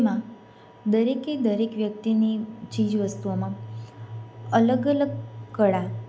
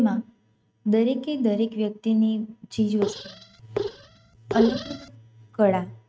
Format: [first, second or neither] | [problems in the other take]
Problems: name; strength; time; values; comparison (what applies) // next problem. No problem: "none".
first | noise reduction (neural mask model RNNoise)